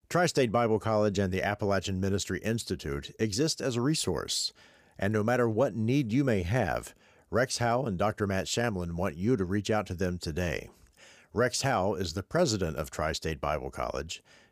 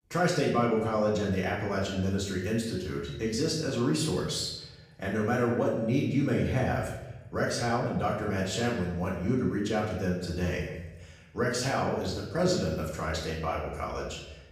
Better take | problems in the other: first | off-mic speech; far // room echo; noticeable; dies away in 0.9 s

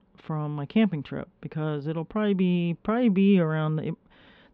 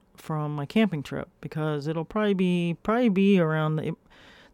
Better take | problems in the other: second | muffled; slightly; fading above 3.5 kHz

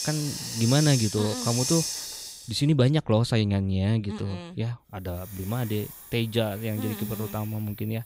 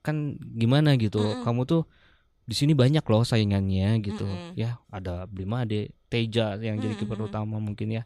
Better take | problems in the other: second | hiss; loud; throughout; 6 dB below the speech

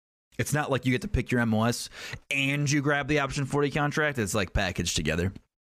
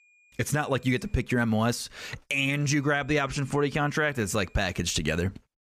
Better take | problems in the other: first | high-pitched whine; faint; until 1 s and from 2.5 to 4.5 s; 2.5 kHz, 30 dB below the speech

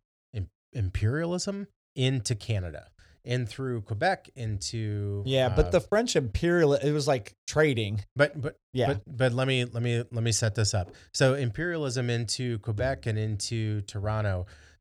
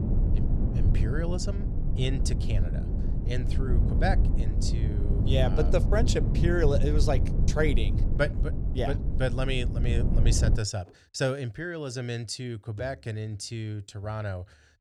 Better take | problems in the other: first | low rumble; loud; until 11 s; 7 dB below the speech

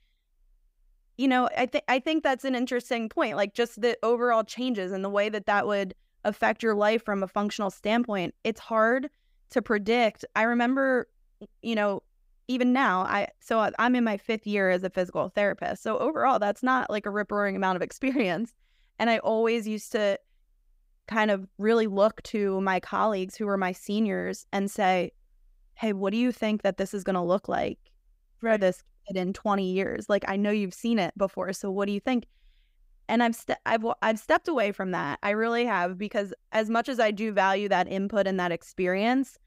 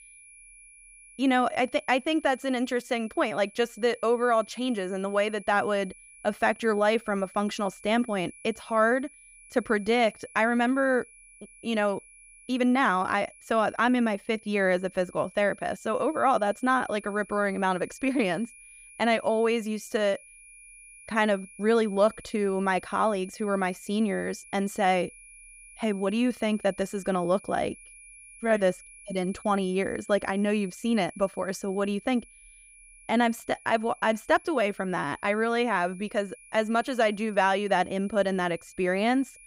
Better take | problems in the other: first | high-pitched whine; faint; throughout; 2.5 kHz, 20 dB below the speech

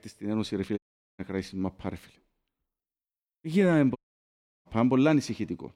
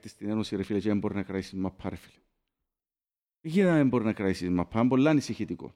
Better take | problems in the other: second | audio cutting out; at 1 s and at 4 s for 0.5 s

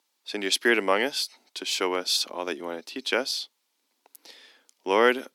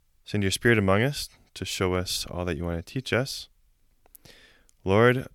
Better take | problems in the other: second | thin; somewhat; fading below 250 Hz

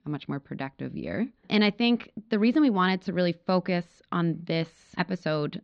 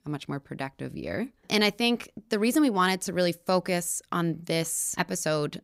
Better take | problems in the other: second | muffled; very slightly; fading above 4 kHz

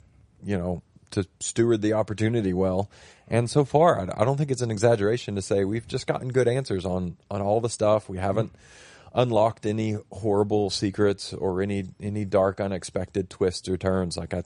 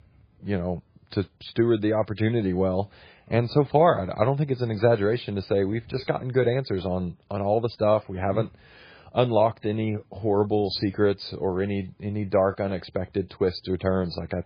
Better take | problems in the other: first | garbled, watery; badly; nothing above 4 kHz; slightly in the first

